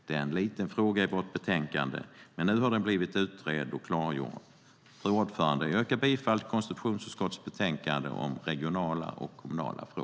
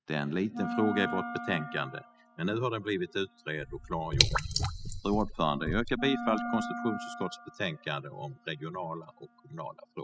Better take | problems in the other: first | noise reduction (classical method spectral subtraction)

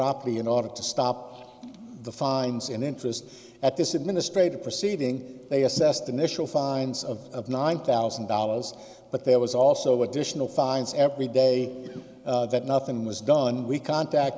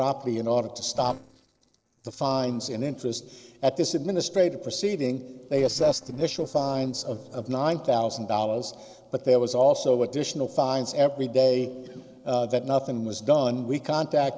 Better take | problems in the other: first | noise reduction (neural separator model SepFormer DNS4)

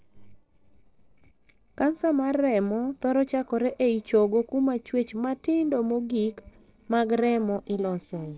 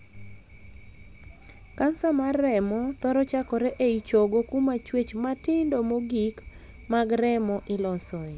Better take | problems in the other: second | noise reduction (neural separator model SepFormer DNS4)

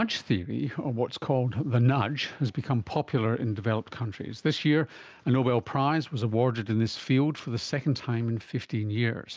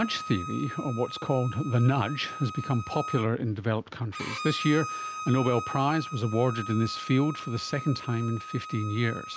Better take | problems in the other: first | background sound (Bowed string instrument); 10 dB below the speech

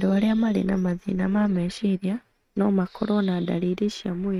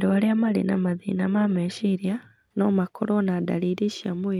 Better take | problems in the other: second | noise reduction (neural mask model RNNoise)

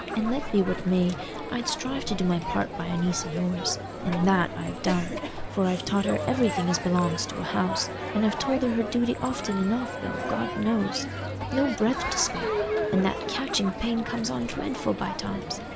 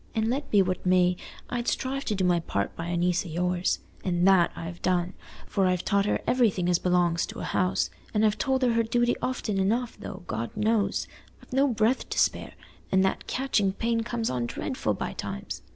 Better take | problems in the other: second | background sound (Crowd); 5 dB below the speech

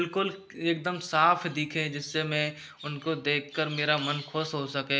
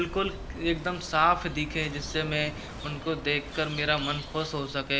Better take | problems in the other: first | background sound (Walk, footsteps / Waves, surf / Wind); 11 dB below the speech

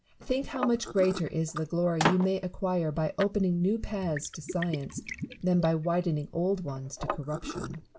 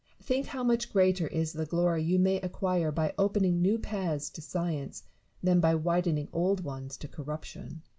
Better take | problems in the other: second | background sound (Liquid); 9 dB below the speech

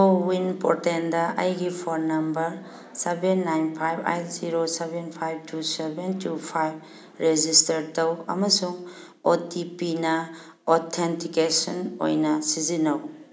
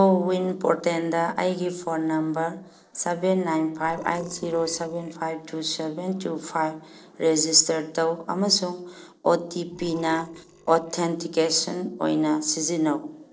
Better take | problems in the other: first | noise reduction (neural separator model SepFormer DNS4)

